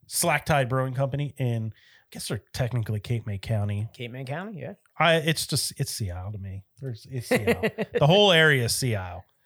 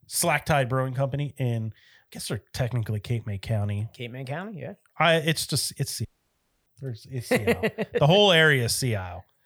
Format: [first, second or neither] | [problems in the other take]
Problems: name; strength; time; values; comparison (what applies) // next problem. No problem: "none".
first | audio cutting out; at 6 s for 0.5 s